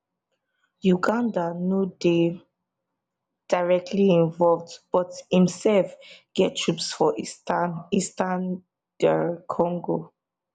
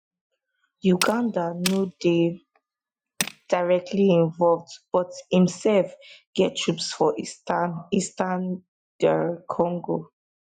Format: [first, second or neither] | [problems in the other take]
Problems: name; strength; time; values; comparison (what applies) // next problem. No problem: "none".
first | noise reduction (classical method Wiener filter)